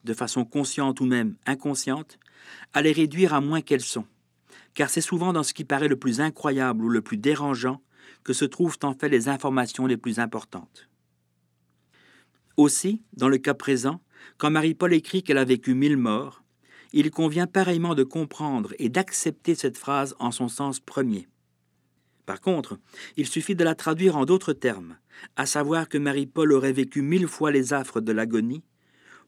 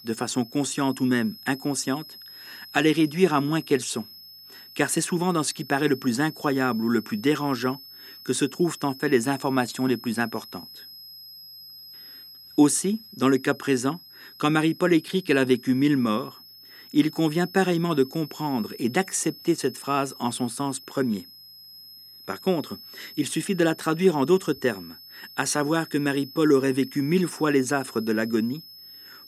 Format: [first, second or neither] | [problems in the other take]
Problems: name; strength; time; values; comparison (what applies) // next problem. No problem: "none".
first | high-pitched whine; noticeable; throughout; 5 kHz, 20 dB below the speech